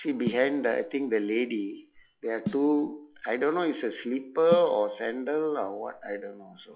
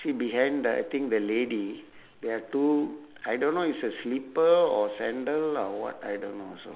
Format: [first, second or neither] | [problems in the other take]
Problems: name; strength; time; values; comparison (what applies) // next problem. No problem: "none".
second | noise reduction (classical method log-MMSE)